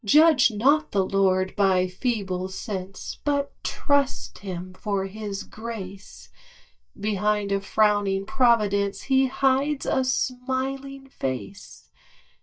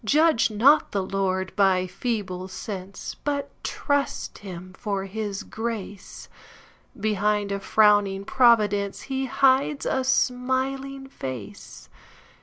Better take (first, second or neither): second